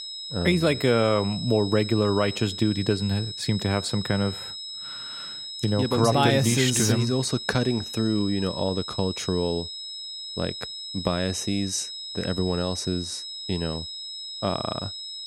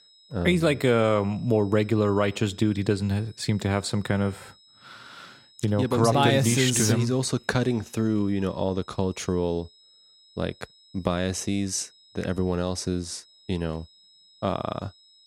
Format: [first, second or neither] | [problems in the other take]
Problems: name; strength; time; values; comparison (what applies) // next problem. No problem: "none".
second | high-pitched whine; loud; throughout; 5 kHz, 8 dB below the speech; faint in the second